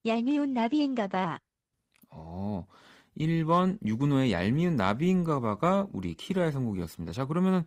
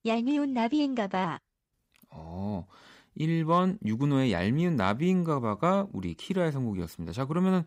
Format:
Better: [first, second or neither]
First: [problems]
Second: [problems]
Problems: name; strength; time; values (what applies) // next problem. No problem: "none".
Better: second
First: garbled, watery; slightly; nothing above 15.5 kHz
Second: none